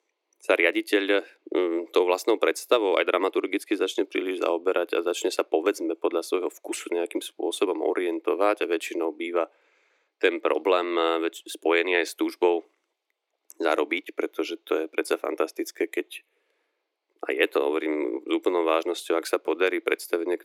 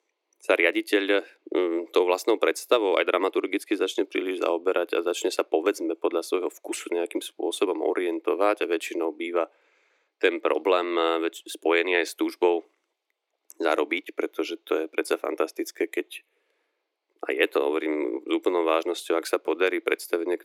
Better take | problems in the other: neither | thin; somewhat; fading below 300 Hz; the same in both

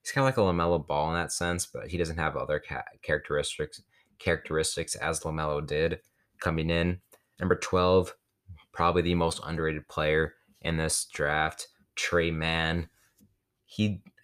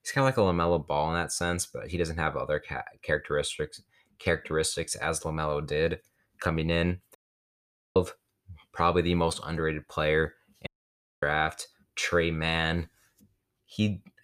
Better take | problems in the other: first | audio cutting out; at 7 s for 1 s and at 11 s for 0.5 s

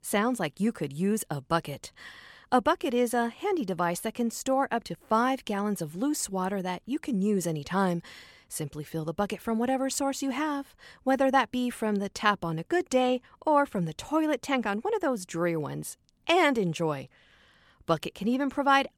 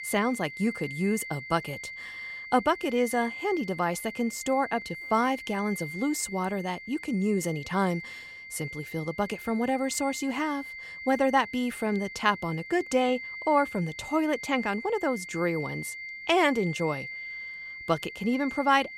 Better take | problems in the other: first | high-pitched whine; loud; throughout; 2 kHz, 10 dB below the speech

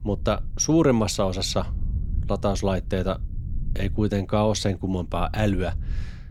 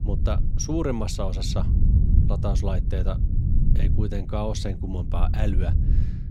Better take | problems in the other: first | low rumble; loud; throughout; 7 dB below the speech; faint in the first

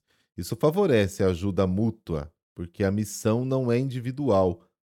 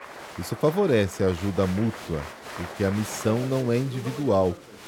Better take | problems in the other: first | crowd noise; noticeable; throughout; 10 dB below the speech

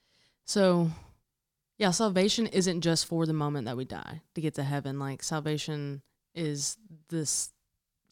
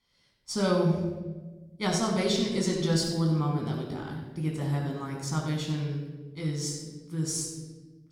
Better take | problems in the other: first | off-mic speech; somewhat distant // room echo; noticeable; dies away in 1.1 s

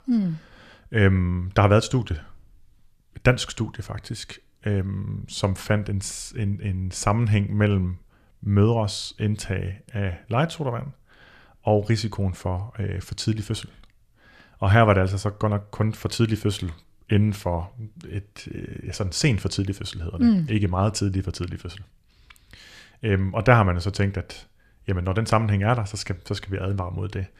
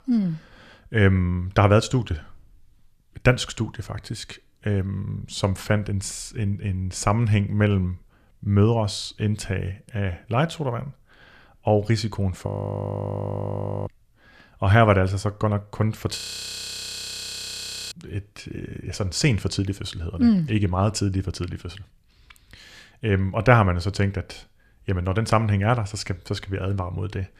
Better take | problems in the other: first | audio freezing; at 12 s for 1.5 s and at 16 s for 1.5 s

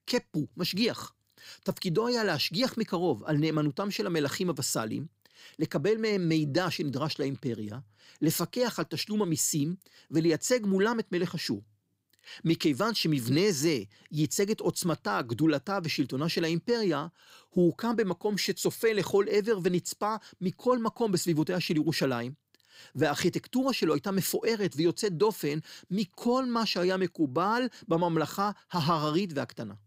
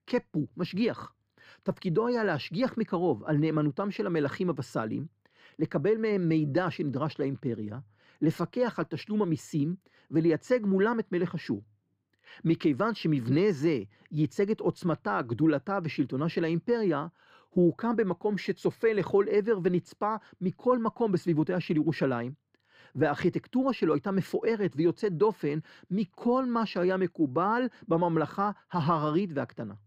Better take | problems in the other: first | muffled; very; fading above 4 kHz

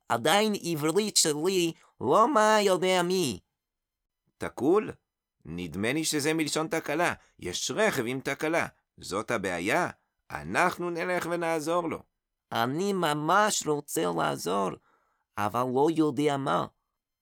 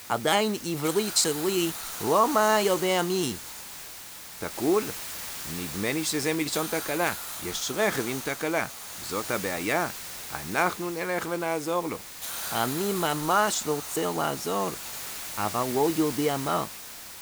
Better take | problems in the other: first | hiss; loud; throughout; 8 dB below the speech

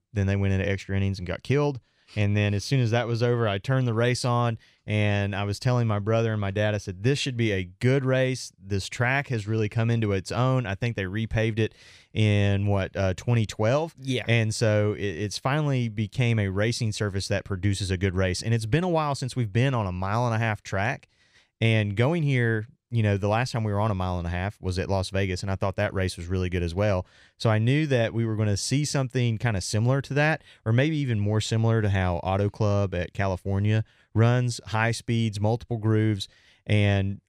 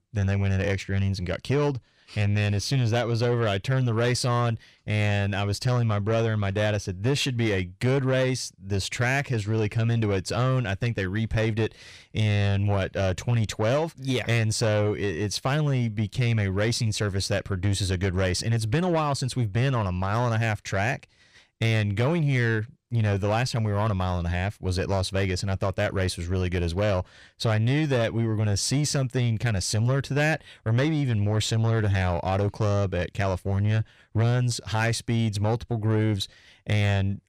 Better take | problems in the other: first | distortion; slight; 10 dB below the speech

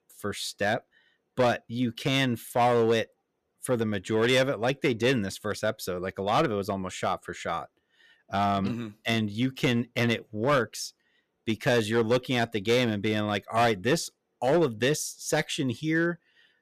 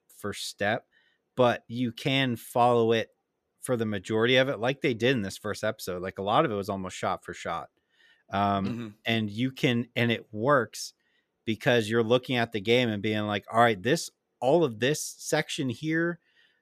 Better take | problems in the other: second | distortion; slight; 4% of the sound clipped

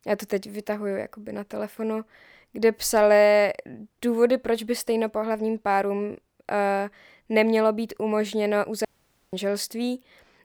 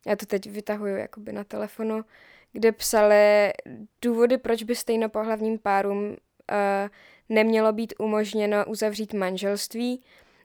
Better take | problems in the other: second | audio cutting out; at 9 s

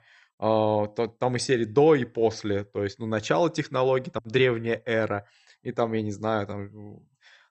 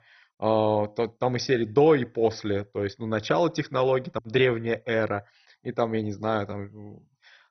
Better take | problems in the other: first | garbled, watery; badly; nothing above 6 kHz; slightly in the first

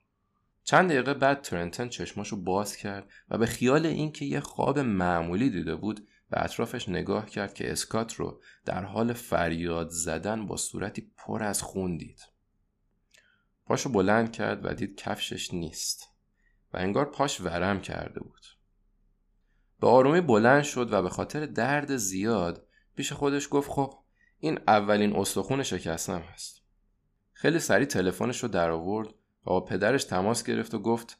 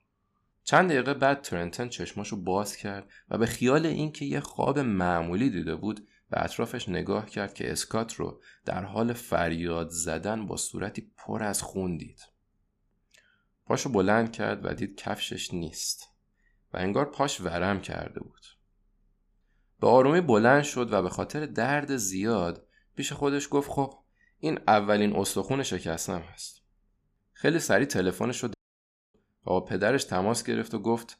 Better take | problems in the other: first | audio cutting out; at 29 s for 0.5 s

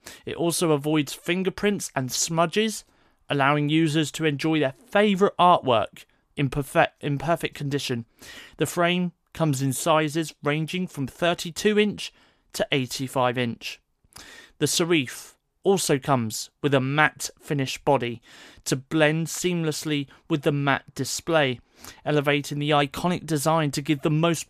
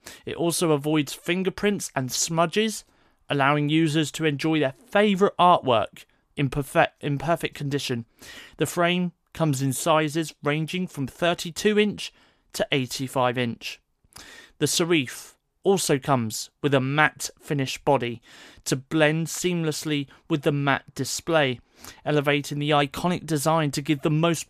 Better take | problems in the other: neither | none

